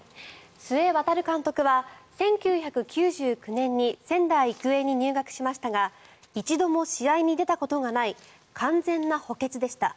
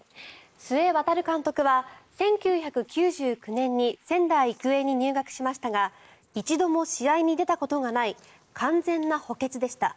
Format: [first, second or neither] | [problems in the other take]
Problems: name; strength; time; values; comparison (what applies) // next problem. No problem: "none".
first | noise reduction (neural mask model Resemble Enhance denoiser)